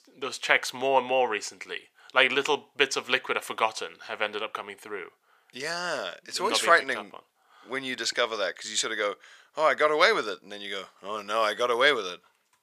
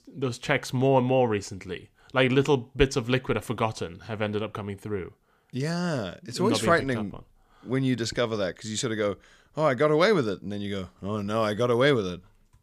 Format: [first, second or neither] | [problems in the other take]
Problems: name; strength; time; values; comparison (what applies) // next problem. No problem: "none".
second | thin; very; fading below 650 Hz